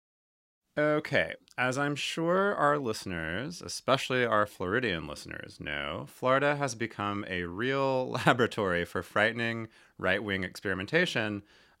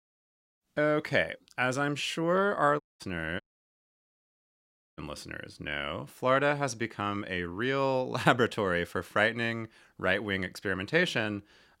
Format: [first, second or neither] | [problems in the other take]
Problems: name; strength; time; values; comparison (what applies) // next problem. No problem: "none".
first | audio cutting out; at 3 s and at 3.5 s for 1.5 s